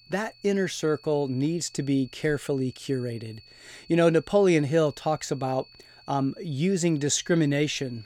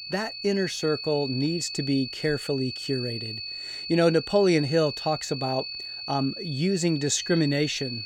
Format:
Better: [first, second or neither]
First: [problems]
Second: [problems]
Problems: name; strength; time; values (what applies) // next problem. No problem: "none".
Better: first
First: high-pitched whine; faint; throughout; 4.5 kHz, 25 dB below the speech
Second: high-pitched whine; loud; throughout; 4.5 kHz, 7 dB below the speech